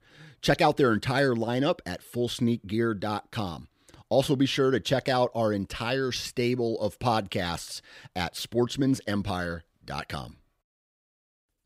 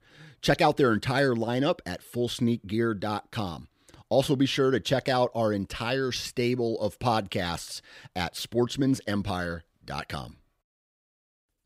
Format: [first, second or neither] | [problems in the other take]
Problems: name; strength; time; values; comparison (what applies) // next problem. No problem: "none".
neither | none